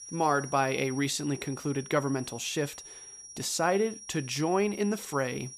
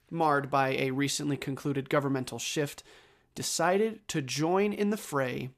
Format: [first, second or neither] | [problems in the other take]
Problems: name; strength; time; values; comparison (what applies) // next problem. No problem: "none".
second | high-pitched whine; noticeable; throughout; 5.5 kHz, 15 dB below the speech